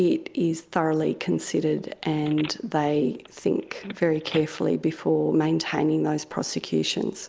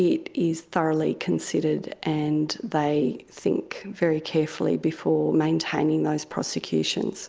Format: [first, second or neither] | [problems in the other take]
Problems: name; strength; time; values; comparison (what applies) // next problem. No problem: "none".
second | background sound (Telephone); 20 dB below the speech